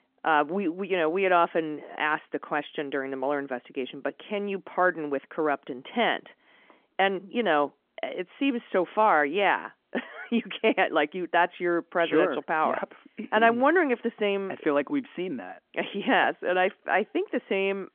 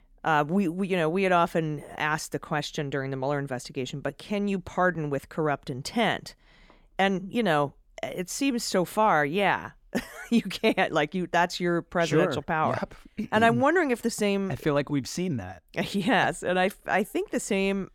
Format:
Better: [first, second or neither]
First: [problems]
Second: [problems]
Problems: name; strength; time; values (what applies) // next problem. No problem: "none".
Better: second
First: phone-call audio; nothing above 3.5 kHz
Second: none